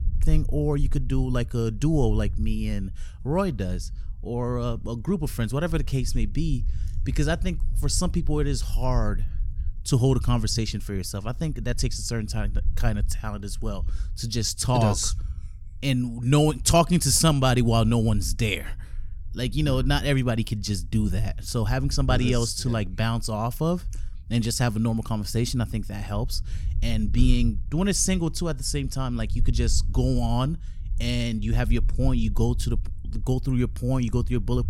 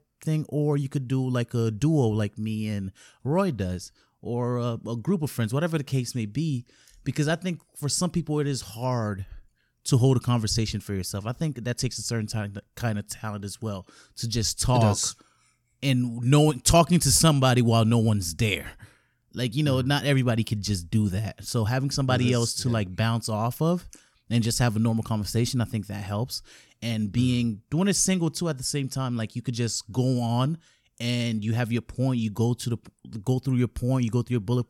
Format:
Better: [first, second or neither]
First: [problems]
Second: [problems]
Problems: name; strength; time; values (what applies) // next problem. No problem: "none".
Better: second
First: low rumble; faint; throughout; 25 dB below the speech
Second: none